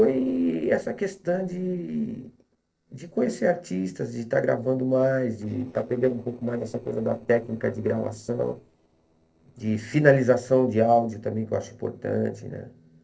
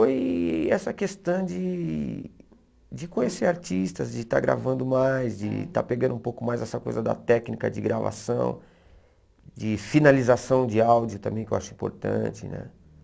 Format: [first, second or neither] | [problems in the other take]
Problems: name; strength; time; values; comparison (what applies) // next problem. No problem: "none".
second | noise reduction (neural separator model SepFormer DNS4)